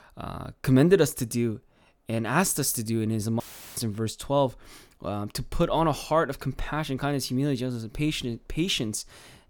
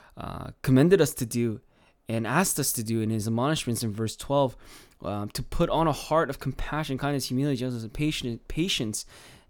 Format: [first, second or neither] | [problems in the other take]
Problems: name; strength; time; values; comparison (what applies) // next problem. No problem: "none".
second | audio cutting out; filled with static; at 3.5 s